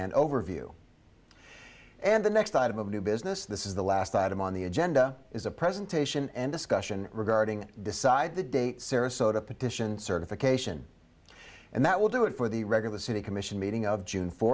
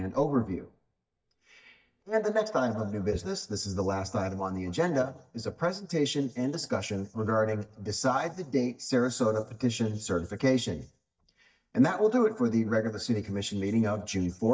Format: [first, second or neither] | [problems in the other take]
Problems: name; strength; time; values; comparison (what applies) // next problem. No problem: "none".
first | noise reduction (neural mask model DeepFilterNet 3)